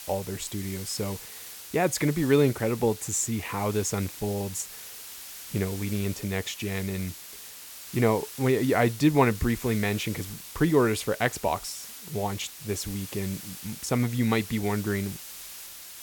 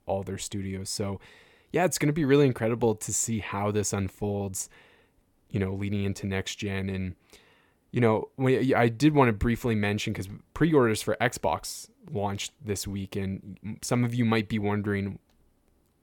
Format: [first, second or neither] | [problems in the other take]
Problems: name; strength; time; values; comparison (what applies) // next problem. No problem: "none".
second | hiss; noticeable; throughout; 10 dB below the speech